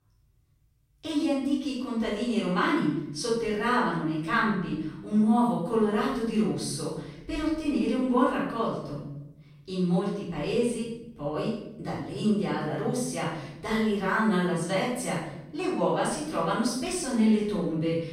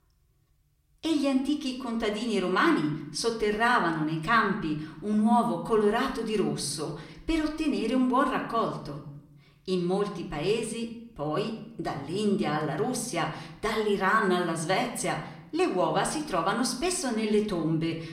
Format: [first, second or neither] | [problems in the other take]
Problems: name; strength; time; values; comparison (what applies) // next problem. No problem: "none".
second | room echo; strong; dies away in 1 s; slight in the second // off-mic speech; far; somewhat distant in the second